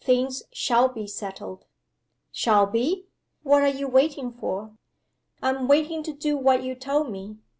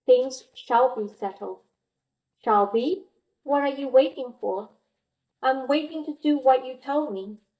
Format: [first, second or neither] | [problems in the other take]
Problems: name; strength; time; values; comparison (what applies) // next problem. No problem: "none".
first | noise reduction (neural mask model DeepFilterNet 3)